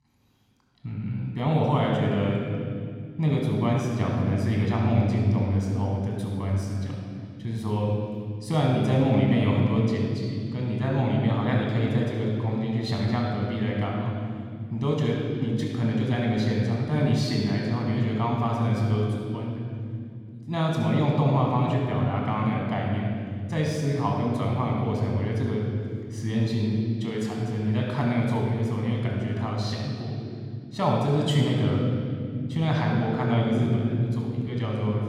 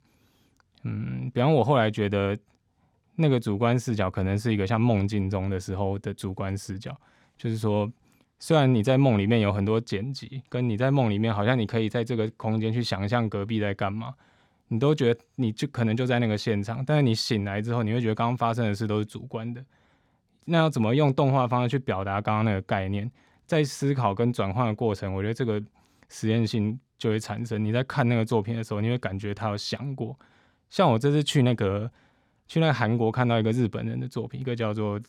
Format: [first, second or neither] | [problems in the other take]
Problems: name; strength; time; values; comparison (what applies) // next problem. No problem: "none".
second | off-mic speech; somewhat distant // room echo; noticeable; dies away in 3 s